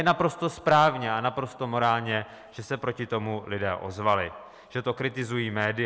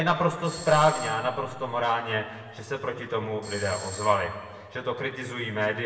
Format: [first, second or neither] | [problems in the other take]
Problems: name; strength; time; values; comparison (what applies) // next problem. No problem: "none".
first | background sound (Doorbell); 16 dB below the speech // room echo; dies away in 1.7 s